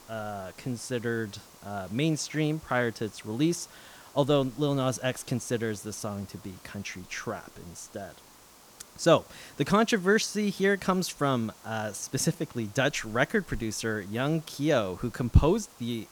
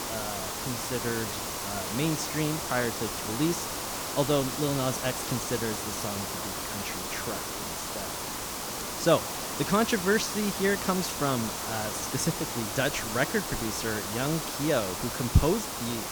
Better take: first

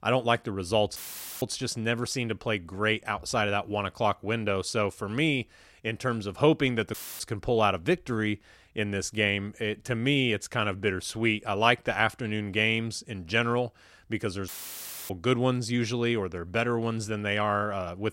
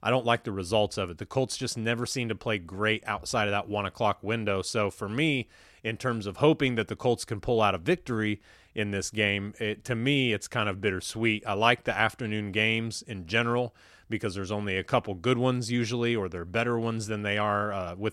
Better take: second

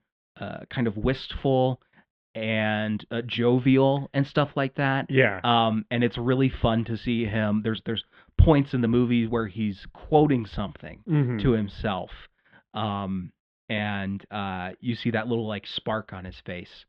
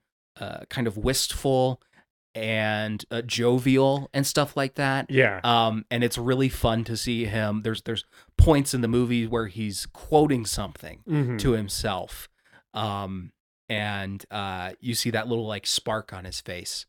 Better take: second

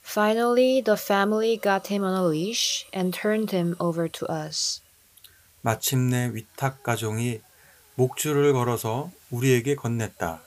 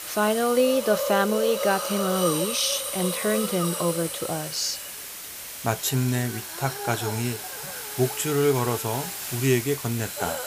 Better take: first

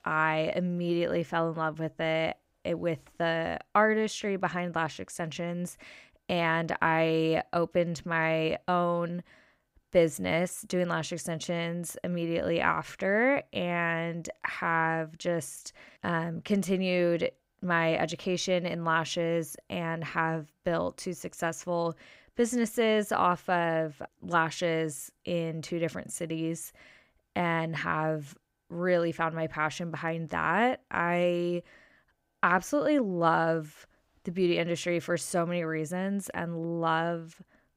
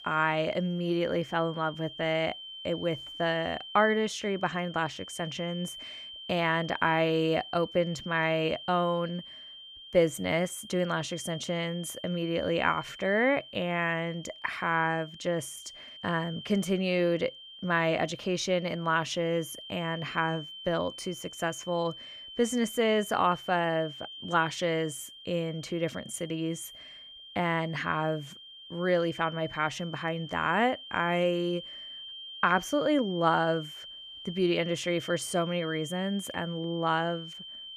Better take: first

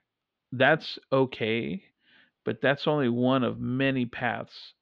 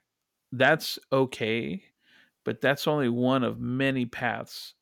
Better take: second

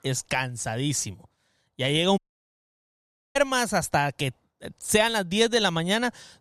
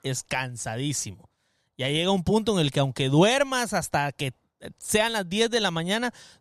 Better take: second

